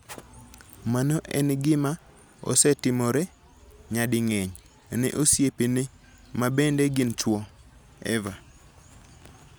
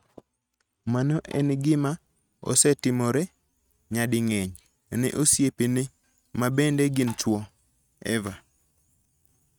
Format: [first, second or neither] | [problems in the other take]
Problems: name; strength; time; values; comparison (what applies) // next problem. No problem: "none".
first | noise reduction (neural mask model RNNoise)